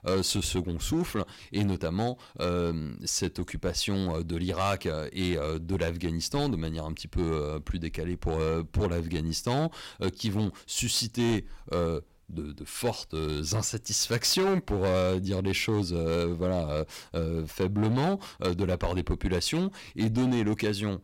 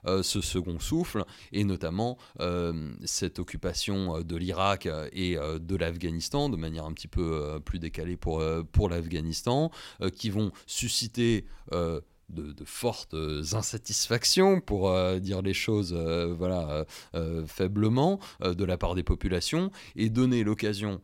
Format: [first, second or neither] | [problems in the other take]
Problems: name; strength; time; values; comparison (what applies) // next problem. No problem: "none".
second | distortion; slight; 7% of the sound clipped